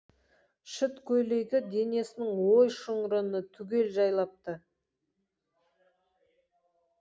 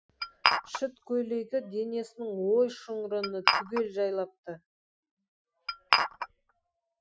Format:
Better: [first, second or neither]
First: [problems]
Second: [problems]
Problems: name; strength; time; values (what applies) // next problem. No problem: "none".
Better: first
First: none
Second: noise reduction (classical method Wiener filter)